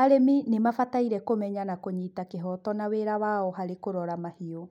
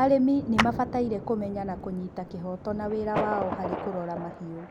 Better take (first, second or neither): first